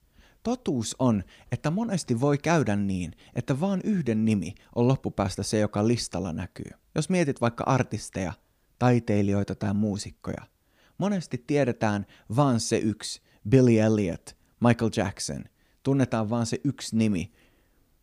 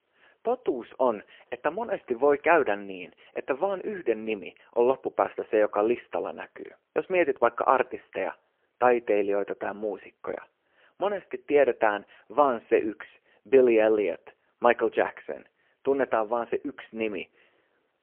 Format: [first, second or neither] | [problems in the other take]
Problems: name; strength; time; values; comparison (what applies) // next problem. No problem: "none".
first | phone-call audio; poor line